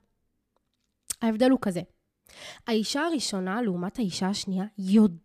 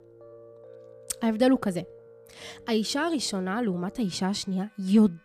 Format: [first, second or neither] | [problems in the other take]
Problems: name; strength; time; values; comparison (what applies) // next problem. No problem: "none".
first | background music; faint; throughout; 25 dB below the speech